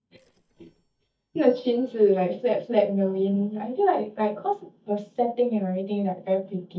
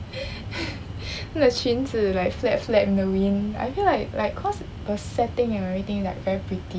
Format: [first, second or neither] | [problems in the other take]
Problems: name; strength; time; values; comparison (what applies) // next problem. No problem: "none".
second | noise reduction (neural mask model DeepFilterNet 3)